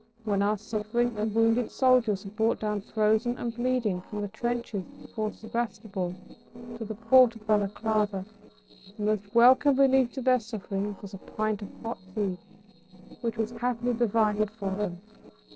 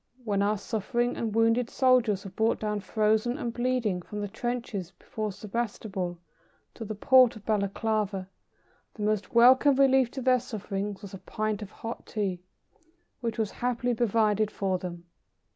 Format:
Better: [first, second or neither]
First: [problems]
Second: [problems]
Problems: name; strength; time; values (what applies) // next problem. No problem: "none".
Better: second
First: noise reduction (neural separator model SepFormer DNS4)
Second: none